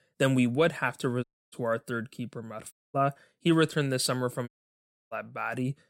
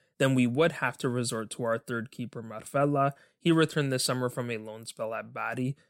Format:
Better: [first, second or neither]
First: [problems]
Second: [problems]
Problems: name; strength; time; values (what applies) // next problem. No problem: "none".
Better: second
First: audio cutting out; at 1 s, at 2.5 s and at 4.5 s for 0.5 s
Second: none